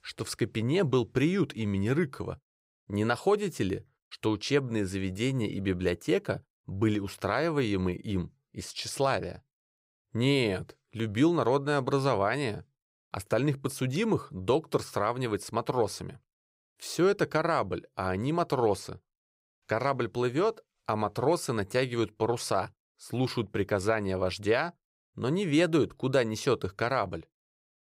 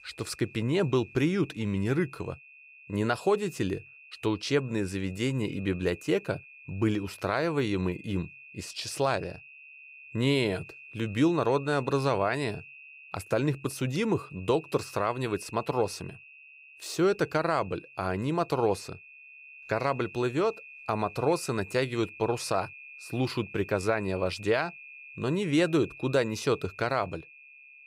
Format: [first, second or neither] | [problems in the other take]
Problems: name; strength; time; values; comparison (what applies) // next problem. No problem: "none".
first | high-pitched whine; noticeable; throughout; 2.5 kHz, 20 dB below the speech